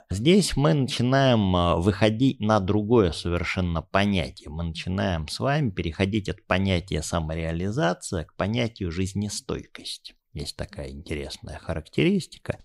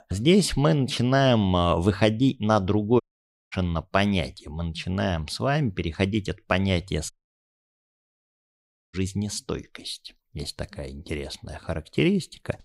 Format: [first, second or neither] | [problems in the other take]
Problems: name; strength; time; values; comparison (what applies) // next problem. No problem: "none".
first | audio cutting out; at 3 s for 0.5 s and at 7 s for 2 s